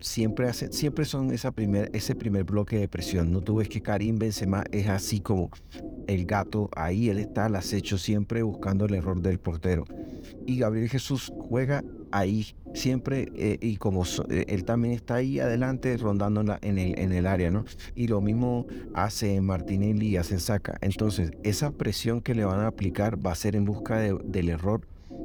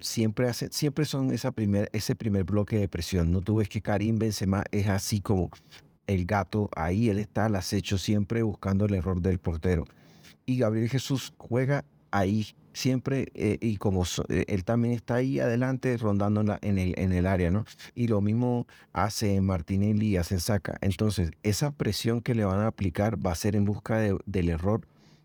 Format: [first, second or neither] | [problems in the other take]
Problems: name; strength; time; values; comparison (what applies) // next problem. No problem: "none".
second | low rumble; noticeable; throughout; 15 dB below the speech